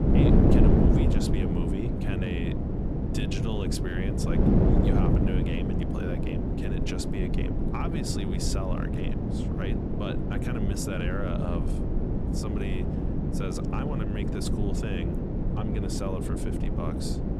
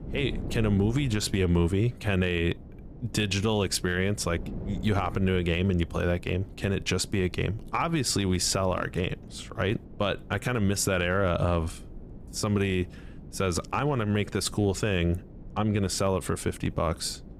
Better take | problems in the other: second | wind noise on the microphone; heavy; 4 dB above the speech; occasional gusts in the second

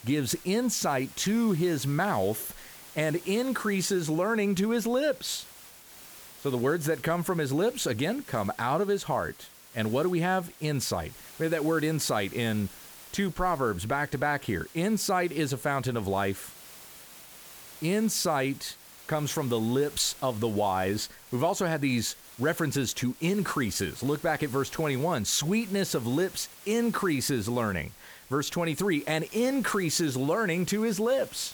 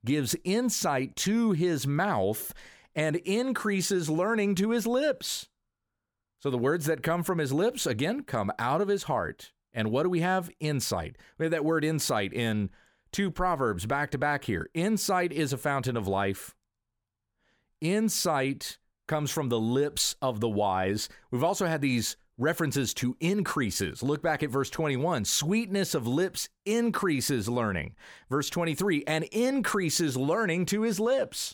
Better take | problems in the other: second | hiss; noticeable; throughout; 20 dB below the speech

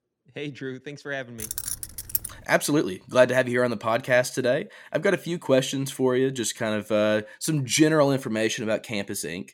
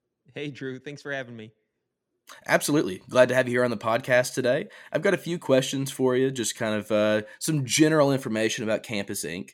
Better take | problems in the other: second | jangling keys; noticeable; at 1.5 s; peak 4 dB below the speech

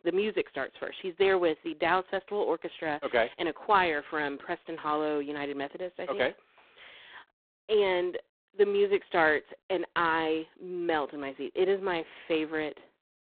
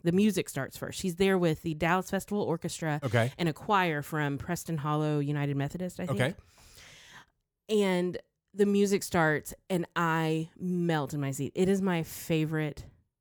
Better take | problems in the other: second | phone-call audio; poor line; nothing above 4 kHz

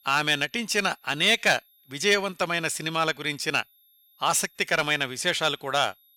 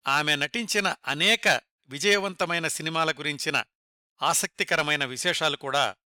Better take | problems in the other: second | high-pitched whine; faint; throughout; 11.5 kHz, 35 dB below the speech

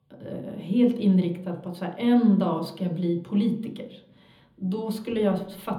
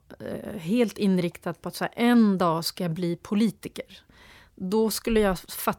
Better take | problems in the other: second | room echo; slight; dies away in 0.7 s // off-mic speech; somewhat distant

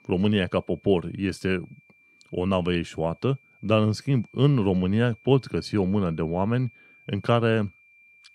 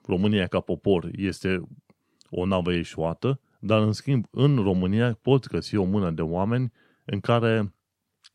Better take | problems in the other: second | high-pitched whine; faint; throughout; 2.5 kHz, 30 dB below the speech

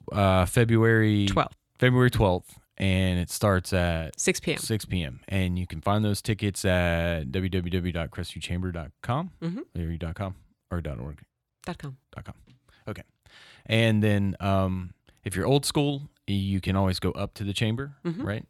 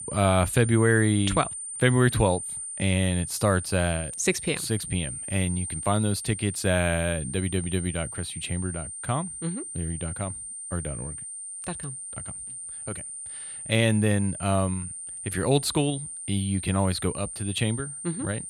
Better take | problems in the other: first | high-pitched whine; loud; throughout; 9 kHz, 8 dB below the speech

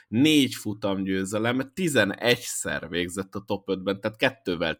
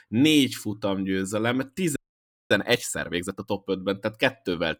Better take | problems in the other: first | audio freezing; at 2 s for 0.5 s

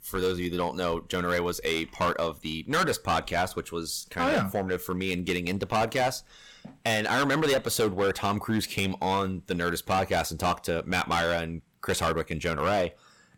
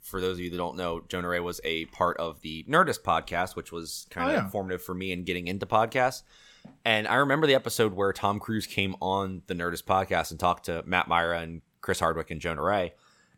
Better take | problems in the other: second | distortion; heavy; 10% of the sound clipped

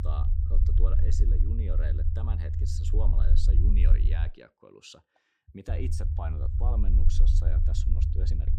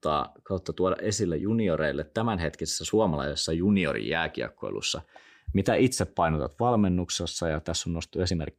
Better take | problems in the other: second | low rumble; loud; until 4.5 s and from 5.5 s on; 1 dB below the speech

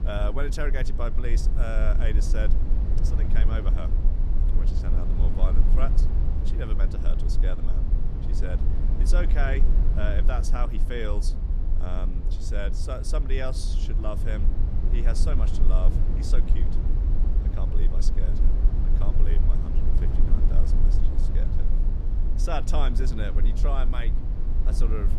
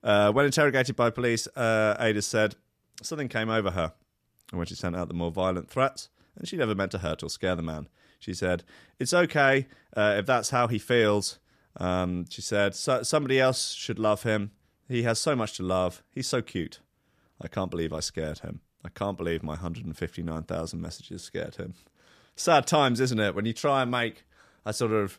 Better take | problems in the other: second | low rumble; loud; throughout; 6 dB below the speech

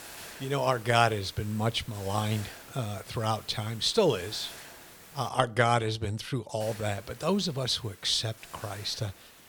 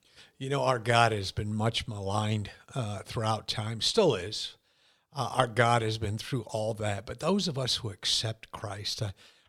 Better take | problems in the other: second | hiss; noticeable; until 5.5 s and from 6.5 s on; 15 dB below the speech

